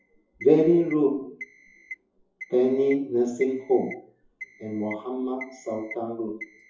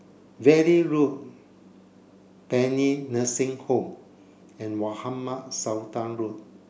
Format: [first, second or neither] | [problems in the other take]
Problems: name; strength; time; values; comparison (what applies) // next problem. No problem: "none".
second | noise reduction (classical method WPE with log-MMSE)